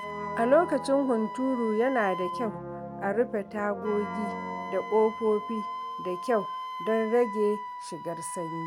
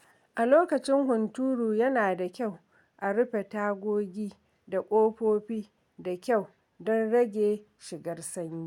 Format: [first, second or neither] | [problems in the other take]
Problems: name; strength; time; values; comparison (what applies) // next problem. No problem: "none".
second | background sound (Wind instrument, woodwind instrument + Brass instrument); 8 dB below the speech